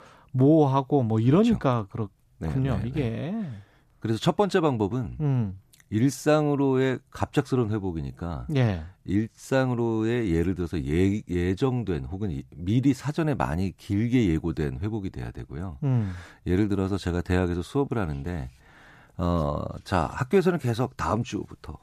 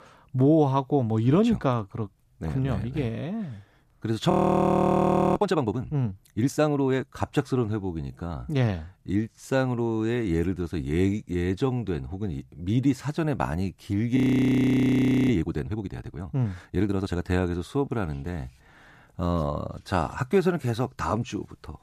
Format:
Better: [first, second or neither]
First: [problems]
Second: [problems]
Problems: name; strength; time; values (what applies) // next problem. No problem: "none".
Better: first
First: none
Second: audio freezing; at 4.5 s for 1 s and at 14 s for 1 s